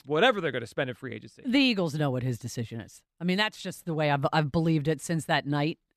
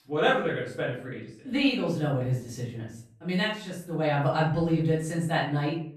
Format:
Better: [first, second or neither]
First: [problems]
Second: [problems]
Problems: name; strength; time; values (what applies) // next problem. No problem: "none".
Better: first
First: none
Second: off-mic speech; far // room echo; noticeable; dies away in 0.5 s